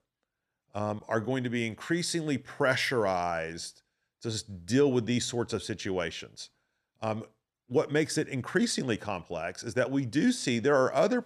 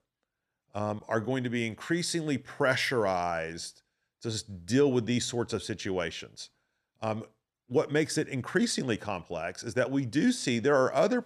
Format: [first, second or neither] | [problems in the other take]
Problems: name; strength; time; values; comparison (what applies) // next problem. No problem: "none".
neither | none